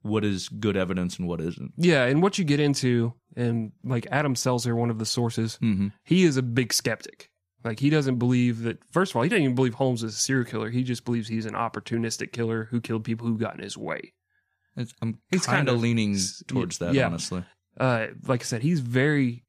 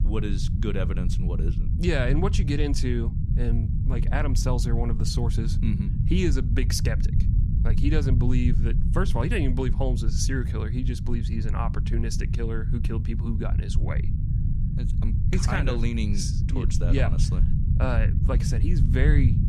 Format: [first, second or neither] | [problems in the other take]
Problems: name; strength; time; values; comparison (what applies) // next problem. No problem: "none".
first | low rumble; loud; throughout; 7 dB below the speech